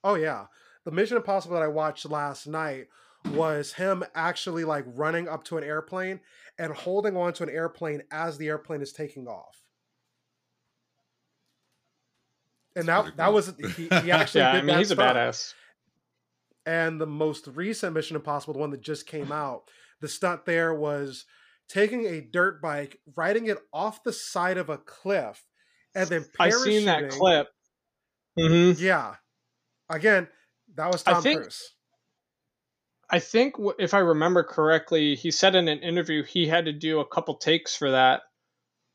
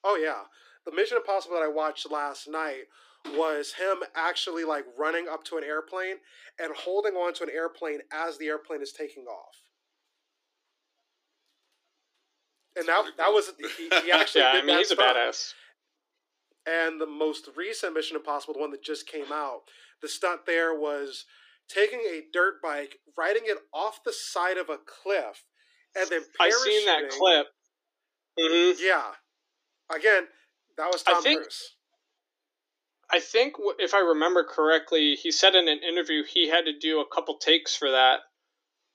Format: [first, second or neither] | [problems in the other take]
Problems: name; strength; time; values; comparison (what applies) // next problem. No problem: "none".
first | thin; somewhat; fading below 300 Hz